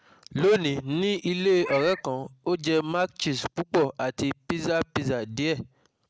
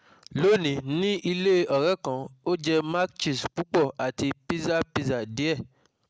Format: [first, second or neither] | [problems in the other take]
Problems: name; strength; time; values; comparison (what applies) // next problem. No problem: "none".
second | background sound (Meow); 13 dB below the speech